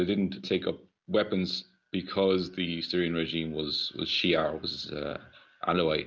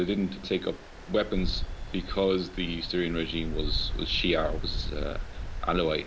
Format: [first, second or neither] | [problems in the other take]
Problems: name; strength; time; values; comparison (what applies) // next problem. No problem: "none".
first | background sound (Stream); 4 dB below the speech